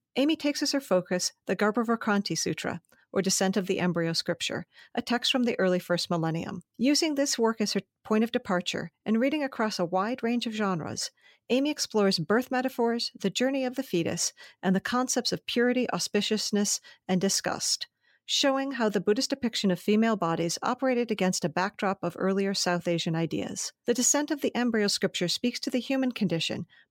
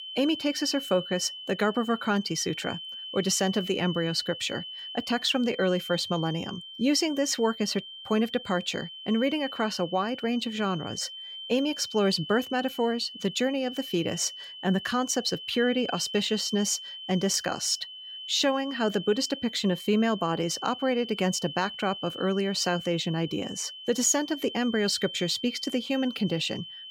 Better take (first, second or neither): first